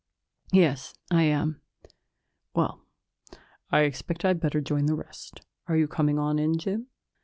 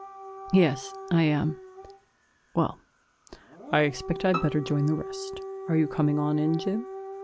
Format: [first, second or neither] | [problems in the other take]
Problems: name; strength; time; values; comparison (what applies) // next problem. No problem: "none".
first | background sound (Bowed string instrument + Siren / Dog); 11 dB below the speech